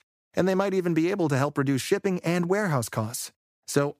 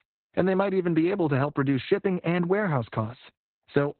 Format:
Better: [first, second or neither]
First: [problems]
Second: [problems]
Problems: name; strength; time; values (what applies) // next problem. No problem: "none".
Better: first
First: none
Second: garbled, watery; badly; nothing above 4 kHz